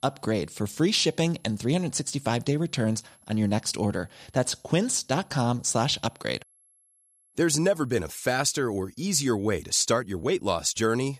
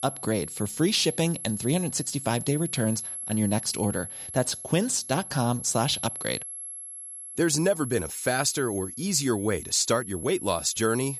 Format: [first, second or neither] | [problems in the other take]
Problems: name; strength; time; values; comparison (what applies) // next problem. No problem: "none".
first | high-pitched whine; loud; throughout; 11 kHz, 8 dB below the speech; faint in the first